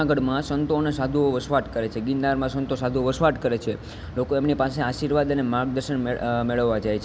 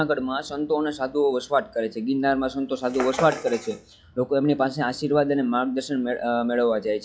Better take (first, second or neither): first